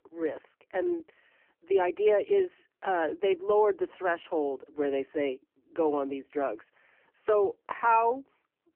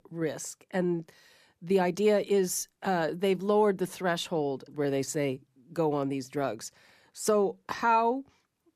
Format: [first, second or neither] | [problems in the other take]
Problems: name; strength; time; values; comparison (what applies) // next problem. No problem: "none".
second | phone-call audio; poor line; nothing above 3 kHz